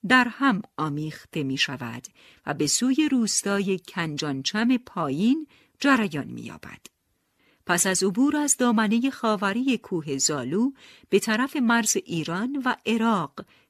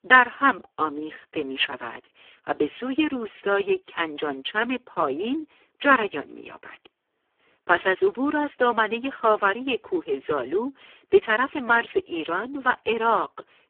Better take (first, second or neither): first